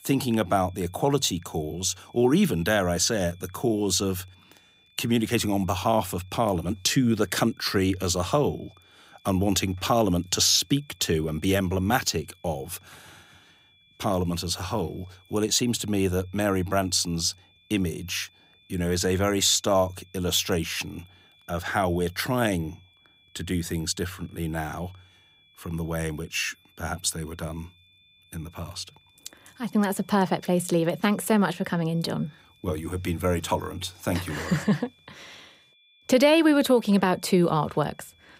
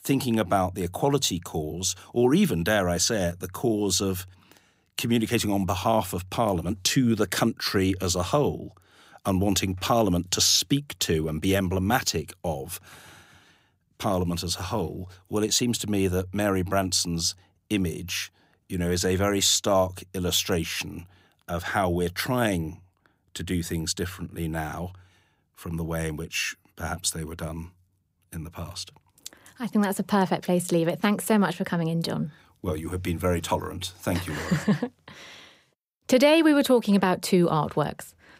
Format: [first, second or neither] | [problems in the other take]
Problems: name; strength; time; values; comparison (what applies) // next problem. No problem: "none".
second | high-pitched whine; faint; throughout; 3.5 kHz, 30 dB below the speech